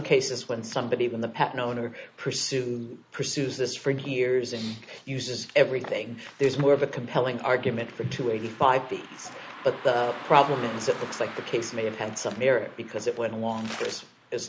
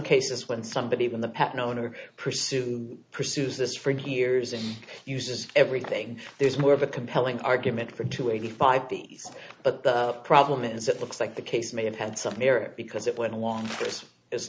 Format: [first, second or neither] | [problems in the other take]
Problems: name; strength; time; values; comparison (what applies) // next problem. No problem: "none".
second | background sound (Car passing by); 19 dB below the speech